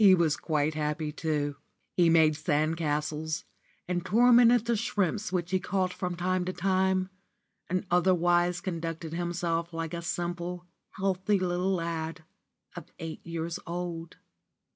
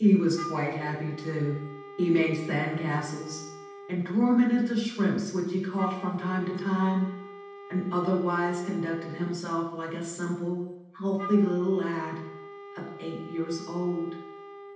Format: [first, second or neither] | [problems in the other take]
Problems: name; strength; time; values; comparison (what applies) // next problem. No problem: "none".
first | background sound (Wind instrument, woodwind instrument); 16 dB below the speech // room echo; dies away in 0.8 s